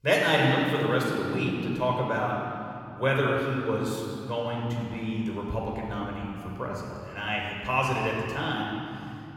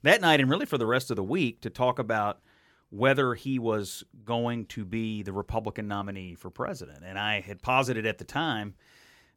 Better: second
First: room echo; noticeable; dies away in 2.5 s // off-mic speech; somewhat distant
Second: none

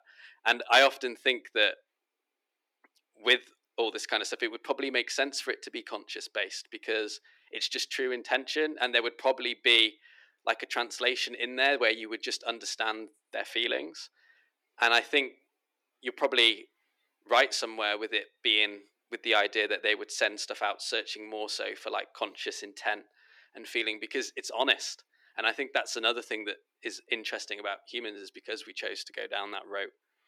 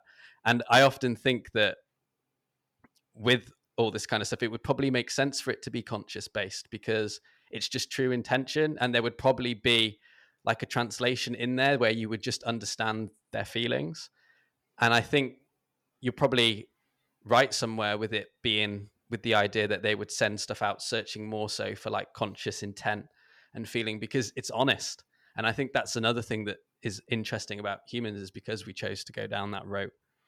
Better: second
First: thin; somewhat; fading below 300 Hz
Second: none

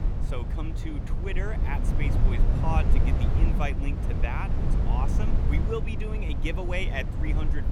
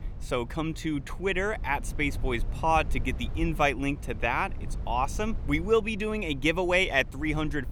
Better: second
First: low rumble; loud; throughout; 4 dB below the speech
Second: low rumble; faint; throughout; 25 dB below the speech

